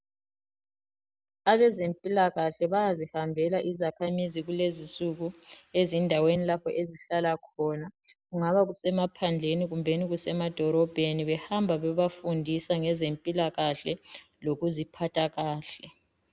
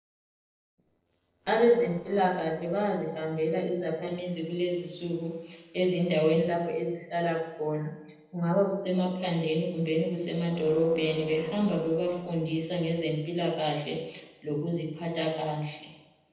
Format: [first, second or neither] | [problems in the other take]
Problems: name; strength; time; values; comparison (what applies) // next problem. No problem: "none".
first | noise reduction (neural separator model SepFormer DNS4)